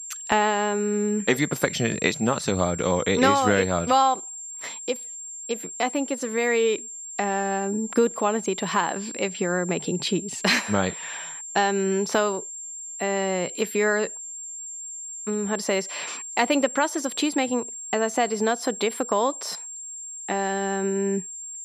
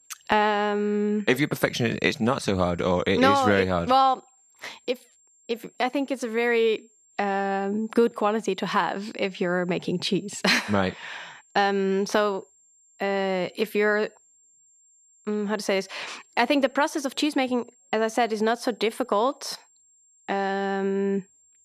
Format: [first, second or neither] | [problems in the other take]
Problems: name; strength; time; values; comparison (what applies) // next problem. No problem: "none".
second | high-pitched whine; loud; throughout; 7.5 kHz, 9 dB below the speech; faint in the second